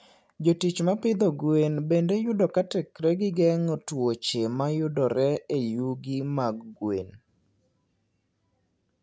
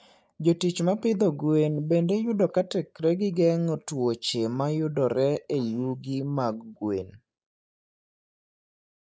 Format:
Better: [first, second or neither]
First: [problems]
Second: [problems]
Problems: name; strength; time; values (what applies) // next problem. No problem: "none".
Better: first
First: none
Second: noise reduction (neural mask model Resemble Enhance denoiser)